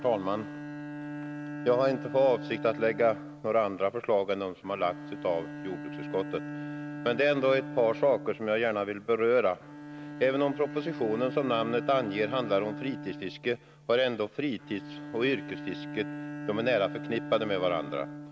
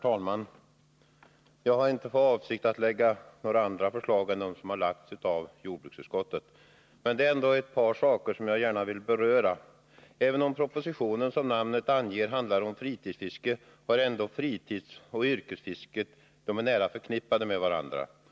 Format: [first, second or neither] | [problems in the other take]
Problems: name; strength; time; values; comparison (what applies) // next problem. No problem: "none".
second | background sound (Bowed string instrument); 10 dB below the speech